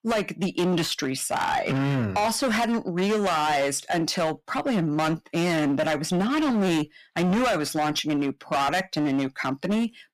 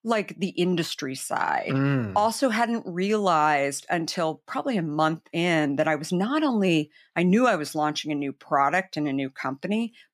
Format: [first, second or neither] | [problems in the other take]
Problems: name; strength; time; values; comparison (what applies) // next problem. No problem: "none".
second | distortion; heavy; 21% of the sound clipped